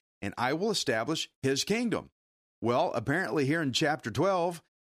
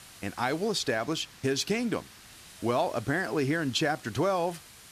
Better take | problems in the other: first | hiss; noticeable; throughout; 20 dB below the speech

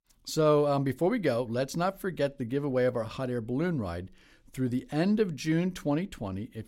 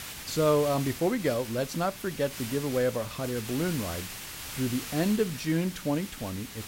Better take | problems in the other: first | hiss; loud; throughout; 9 dB below the speech

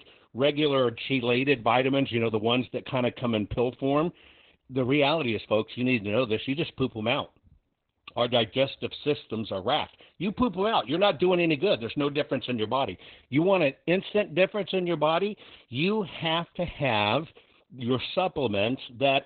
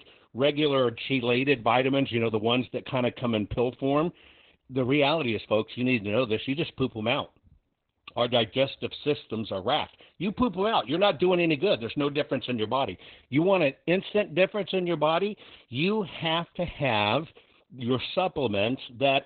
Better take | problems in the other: neither | garbled, watery; badly; nothing above 4 kHz; the same in both

